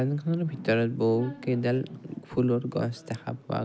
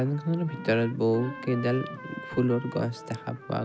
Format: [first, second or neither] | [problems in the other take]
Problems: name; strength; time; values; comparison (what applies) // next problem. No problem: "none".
first | background sound (Trumpet); 15 dB below the speech